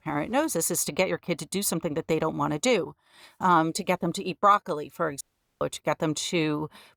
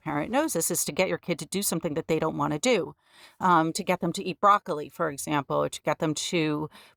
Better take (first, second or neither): second